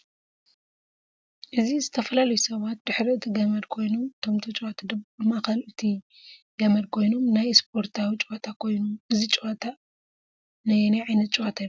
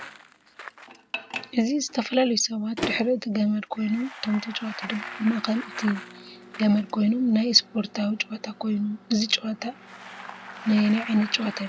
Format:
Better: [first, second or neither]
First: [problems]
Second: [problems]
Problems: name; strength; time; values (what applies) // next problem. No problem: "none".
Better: first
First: none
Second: background sound (Microwave oven + Bicycle); 14 dB below the speech